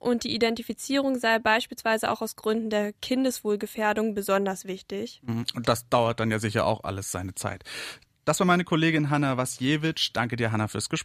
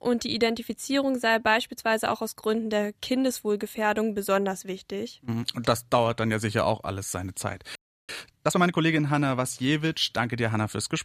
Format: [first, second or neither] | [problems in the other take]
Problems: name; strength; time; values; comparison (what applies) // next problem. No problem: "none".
first | audio freezing; at 8 s